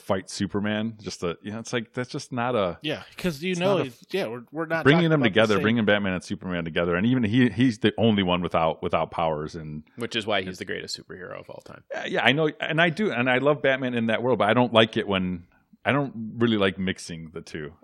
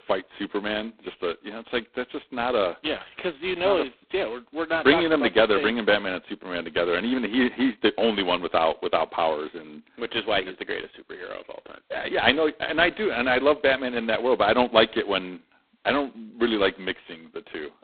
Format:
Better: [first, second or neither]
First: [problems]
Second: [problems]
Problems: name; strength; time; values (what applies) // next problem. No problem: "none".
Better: first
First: none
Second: phone-call audio; poor line; nothing above 4 kHz